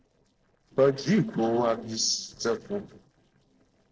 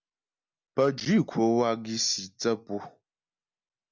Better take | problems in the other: second | noise reduction (neural separator model SepFormer DNS4)

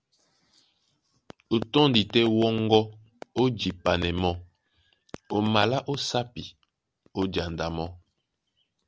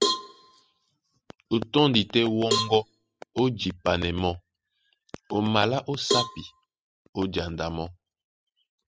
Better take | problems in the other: first | noise reduction (classical method spectral subtraction)

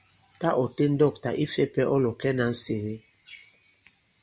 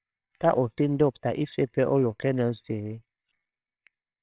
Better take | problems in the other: first | noise reduction (neural separator model SepFormer WHAMR!)

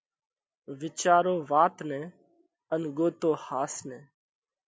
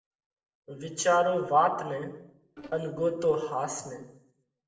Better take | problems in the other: first | noise reduction (neural separator model SepFormer DNS4)

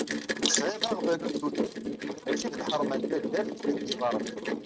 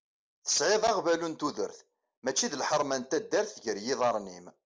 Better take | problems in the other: second | noise reduction (neural mask model RNNoise)

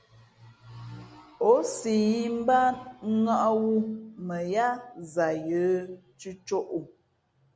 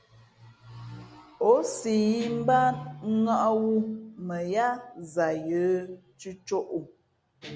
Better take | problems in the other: first | background sound (Guitar); 19 dB below the speech

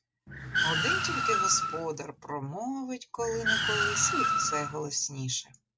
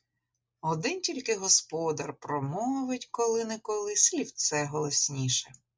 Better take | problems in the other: second | background sound (Car); 3 dB above the speech

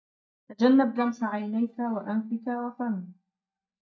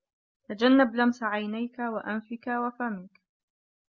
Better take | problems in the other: second | noise reduction (neural mask model DeepFilterNet 3)

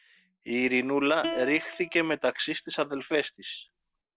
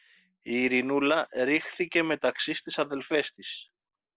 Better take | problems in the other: second | background sound (Plucked string instrument); 12 dB below the speech

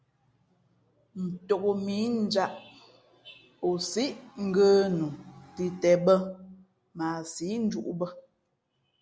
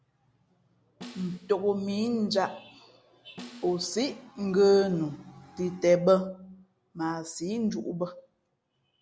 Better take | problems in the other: first | background sound (Snare drum); 20 dB below the speech

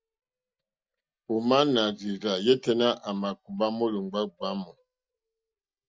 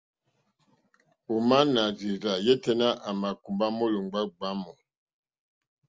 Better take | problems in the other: second | noise reduction (neural mask model DeepFilterNet 3)

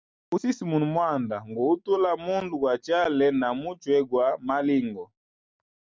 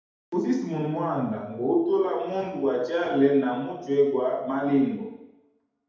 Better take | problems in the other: first | room echo; dies away in 0.8 s

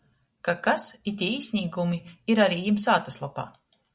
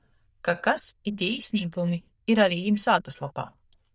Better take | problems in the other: first | noise reduction (neural diffusion model UNIVERSE++)

